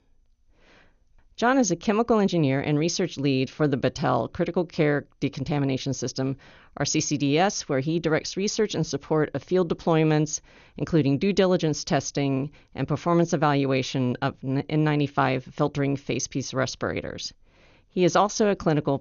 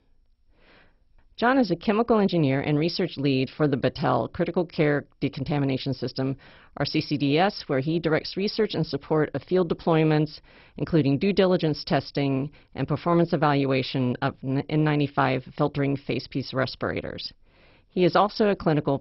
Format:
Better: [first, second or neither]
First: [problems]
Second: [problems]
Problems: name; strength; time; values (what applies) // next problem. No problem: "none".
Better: first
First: garbled, watery; slightly; nothing above 6.5 kHz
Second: garbled, watery; badly; nothing above 5.5 kHz